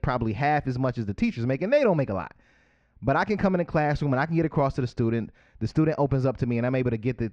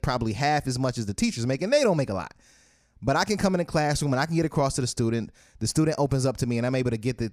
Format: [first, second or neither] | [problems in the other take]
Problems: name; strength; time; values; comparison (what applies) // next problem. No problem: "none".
second | muffled; very; fading above 3 kHz